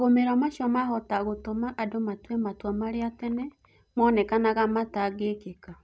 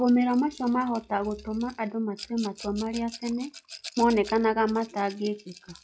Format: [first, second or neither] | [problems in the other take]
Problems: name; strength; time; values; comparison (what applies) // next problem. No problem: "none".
first | noise reduction (classical method log-MMSE)